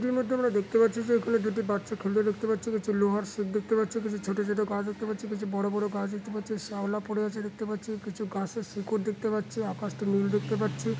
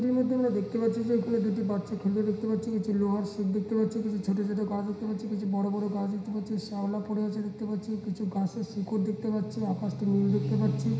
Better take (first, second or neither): first